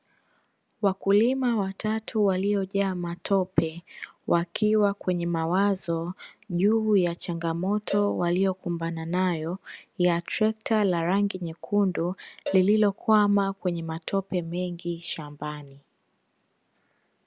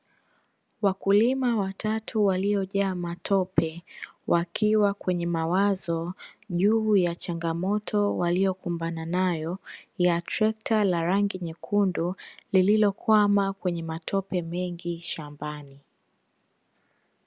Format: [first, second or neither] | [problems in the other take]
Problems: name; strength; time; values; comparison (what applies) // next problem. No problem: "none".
second | background sound (Cowbell); 15 dB below the speech